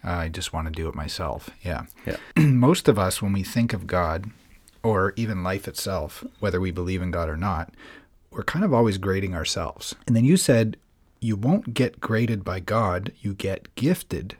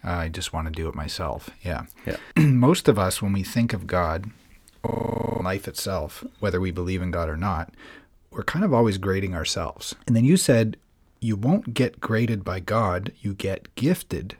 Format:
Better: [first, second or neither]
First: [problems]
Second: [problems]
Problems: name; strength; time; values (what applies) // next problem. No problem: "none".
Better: first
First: none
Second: audio freezing; at 5 s for 0.5 s